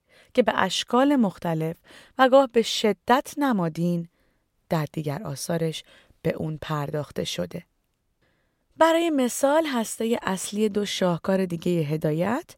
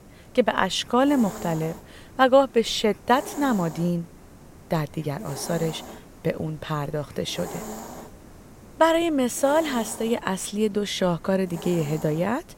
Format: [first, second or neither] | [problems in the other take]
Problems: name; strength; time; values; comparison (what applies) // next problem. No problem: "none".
first | hiss; noticeable; throughout; 15 dB below the speech